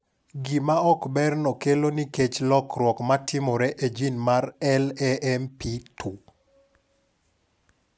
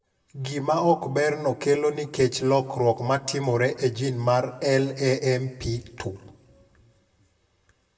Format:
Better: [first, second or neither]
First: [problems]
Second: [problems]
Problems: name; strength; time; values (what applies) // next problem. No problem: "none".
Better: first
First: none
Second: room echo; dies away in 1.2 s